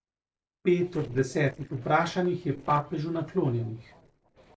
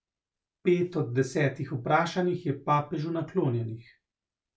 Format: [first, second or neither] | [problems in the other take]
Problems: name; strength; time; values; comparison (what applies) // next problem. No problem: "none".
second | noise reduction (neural separator model SepFormer DNS4)